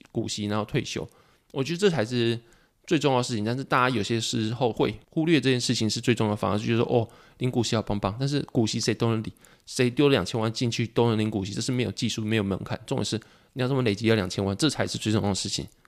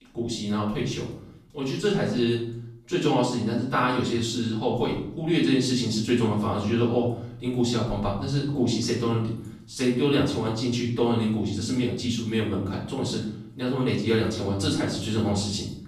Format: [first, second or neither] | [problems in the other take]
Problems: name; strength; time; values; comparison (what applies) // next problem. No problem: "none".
first | off-mic speech; far // room echo; noticeable; dies away in 0.6 s